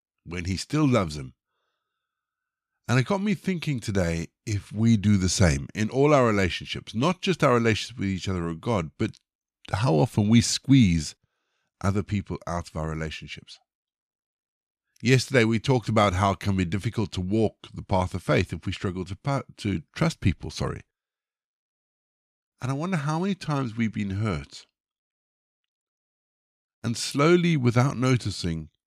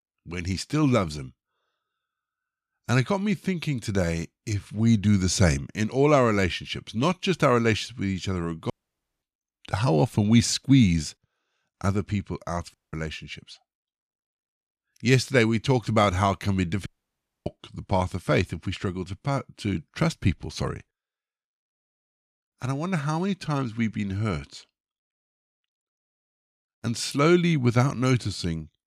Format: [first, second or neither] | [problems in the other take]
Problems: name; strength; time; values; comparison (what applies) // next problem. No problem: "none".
first | audio cutting out; at 8.5 s for 0.5 s, at 13 s and at 17 s for 0.5 s